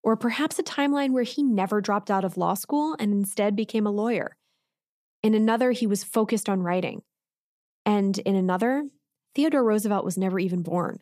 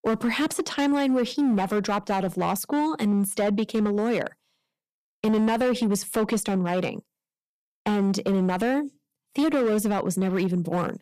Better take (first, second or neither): first